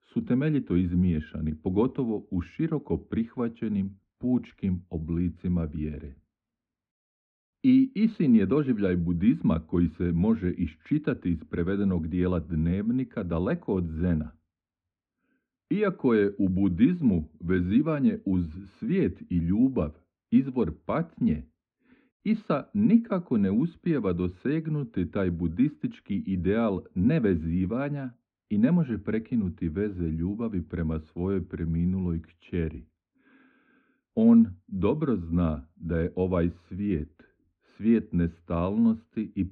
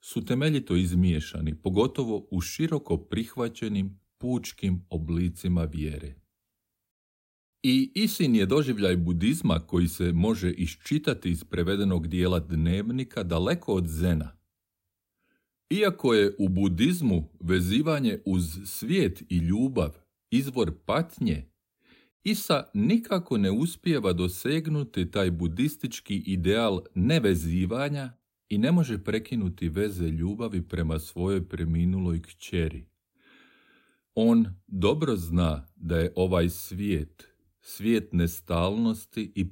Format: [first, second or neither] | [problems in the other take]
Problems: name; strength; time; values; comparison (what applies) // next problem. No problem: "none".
second | muffled; very; fading above 2 kHz